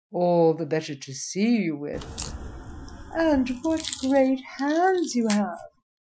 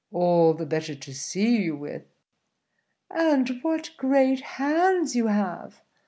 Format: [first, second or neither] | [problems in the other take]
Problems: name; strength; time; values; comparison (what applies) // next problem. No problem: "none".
second | noise reduction (classical method Wiener filter)